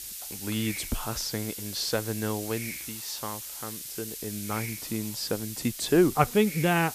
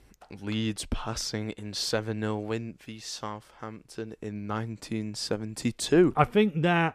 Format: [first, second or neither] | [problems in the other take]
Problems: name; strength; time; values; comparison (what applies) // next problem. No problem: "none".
second | hiss; loud; throughout; 7 dB below the speech